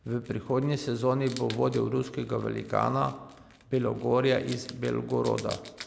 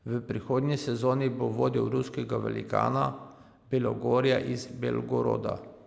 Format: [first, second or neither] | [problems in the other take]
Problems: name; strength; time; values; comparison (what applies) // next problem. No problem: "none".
second | background sound (Wild animals); 20 dB below the speech